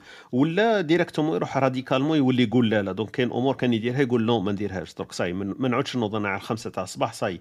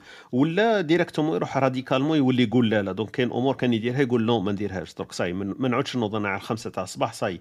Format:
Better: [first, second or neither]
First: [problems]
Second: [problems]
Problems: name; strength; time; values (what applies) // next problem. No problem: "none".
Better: neither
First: none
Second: none